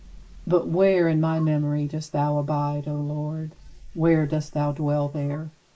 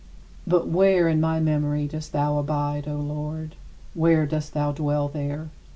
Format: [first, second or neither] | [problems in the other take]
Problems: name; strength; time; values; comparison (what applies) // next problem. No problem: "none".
second | noise reduction (neural mask model Resemble Enhance denoiser)